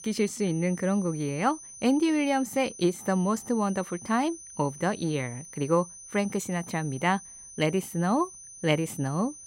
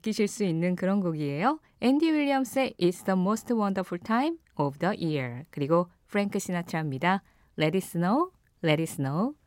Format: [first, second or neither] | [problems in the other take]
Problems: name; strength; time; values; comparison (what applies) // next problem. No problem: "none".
second | high-pitched whine; noticeable; throughout; 6 kHz, 15 dB below the speech